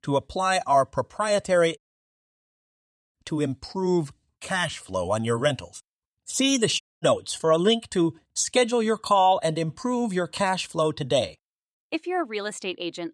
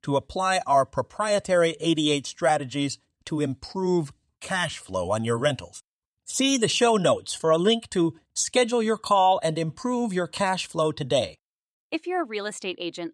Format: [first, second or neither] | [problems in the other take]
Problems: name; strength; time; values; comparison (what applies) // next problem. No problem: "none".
second | audio cutting out; at 2 s for 1.5 s and at 7 s